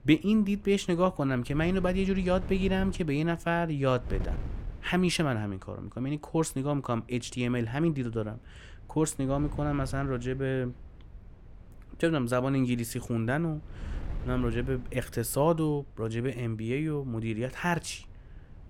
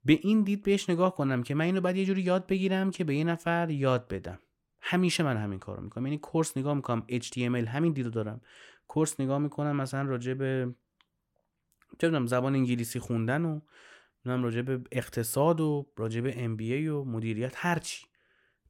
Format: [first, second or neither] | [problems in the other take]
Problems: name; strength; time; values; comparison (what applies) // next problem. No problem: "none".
second | wind noise on the microphone; occasional gusts; 25 dB below the speech